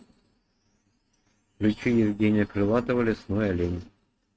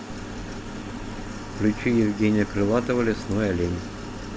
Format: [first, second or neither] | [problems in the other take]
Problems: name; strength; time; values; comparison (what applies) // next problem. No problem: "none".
second | noise reduction (neural mask model RNNoise)